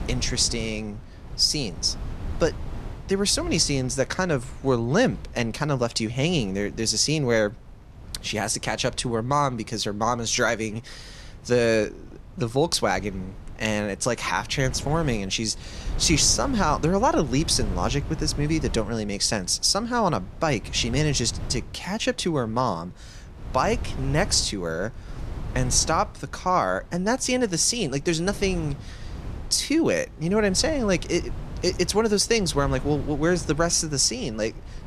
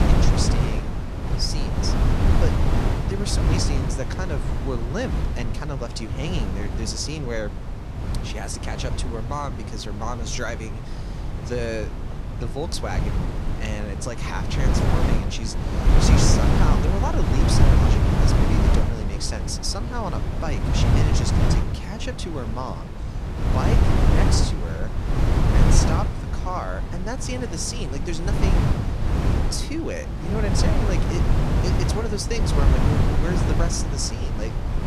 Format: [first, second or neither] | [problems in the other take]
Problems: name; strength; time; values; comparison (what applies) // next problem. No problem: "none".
first | wind noise on the microphone; heavy; as loud as the speech; occasional gusts in the first